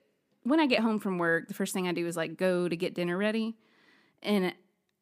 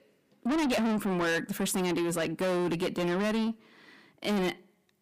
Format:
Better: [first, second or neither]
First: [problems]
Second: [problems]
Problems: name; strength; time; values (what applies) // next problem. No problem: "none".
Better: first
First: none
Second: distortion; heavy; 6 dB below the speech